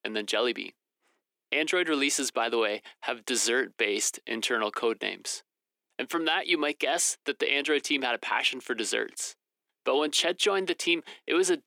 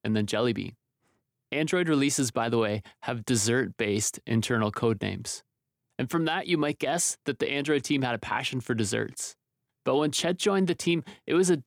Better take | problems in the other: second | thin; somewhat; fading below 300 Hz

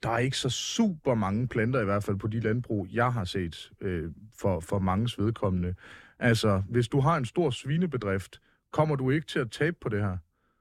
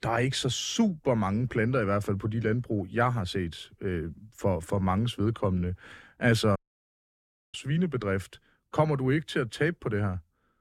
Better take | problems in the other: first | audio cutting out; at 6.5 s for 1 s

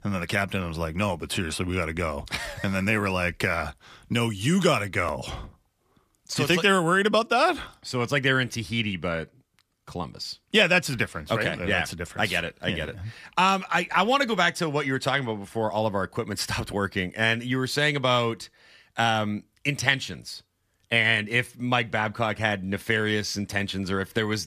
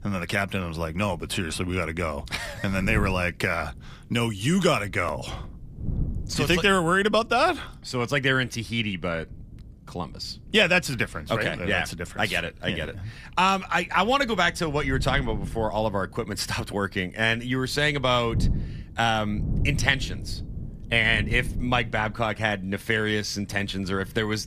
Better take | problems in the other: first | wind noise on the microphone; occasional gusts; 25 dB below the speech

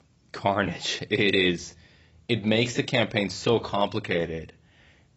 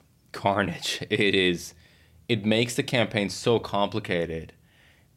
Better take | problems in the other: second | garbled, watery; badly; nothing above 7.5 kHz

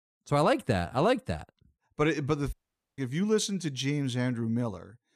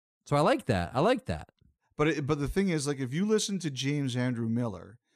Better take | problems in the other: second | audio cutting out; at 2.5 s

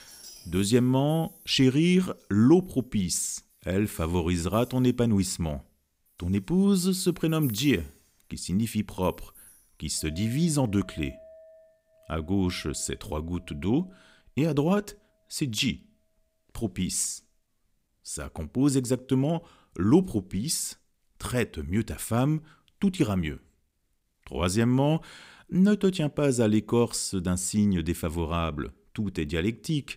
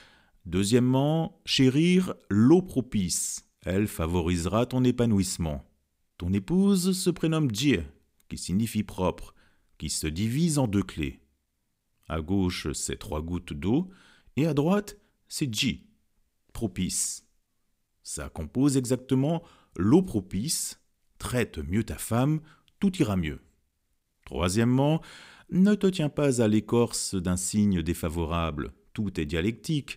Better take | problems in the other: second | household noises; faint; throughout; 25 dB below the speech

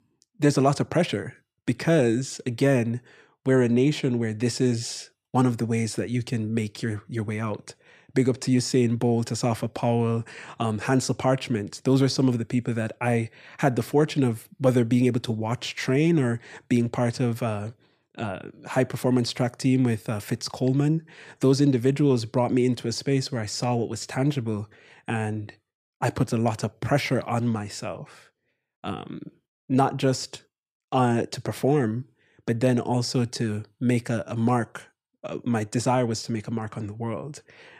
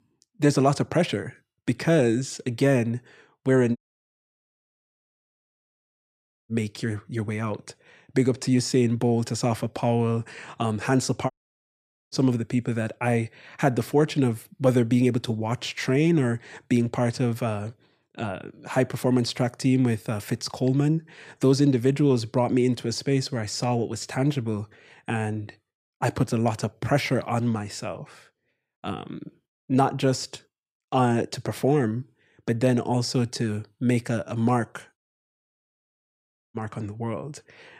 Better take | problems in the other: first | audio cutting out; at 4 s for 2.5 s, at 11 s for 1 s and at 35 s for 1.5 s

